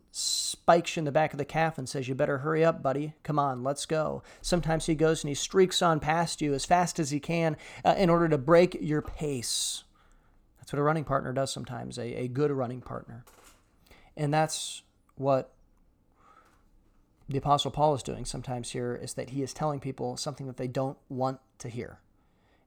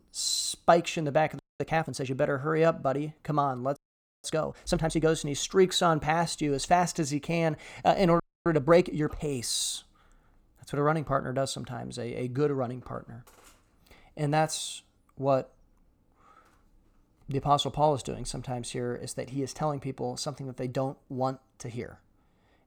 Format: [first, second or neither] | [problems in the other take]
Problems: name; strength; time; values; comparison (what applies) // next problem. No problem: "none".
first | audio freezing; at 1.5 s, at 4 s and at 8 s